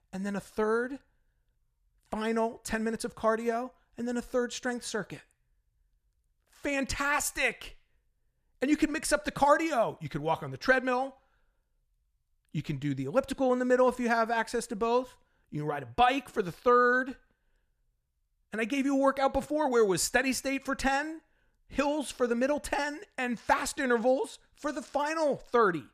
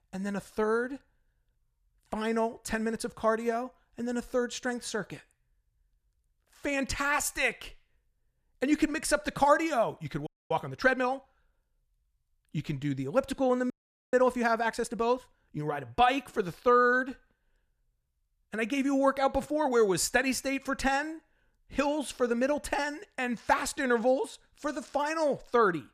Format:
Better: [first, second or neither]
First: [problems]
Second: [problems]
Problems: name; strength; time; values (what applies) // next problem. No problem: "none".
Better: first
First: none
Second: audio freezing; at 10 s and at 14 s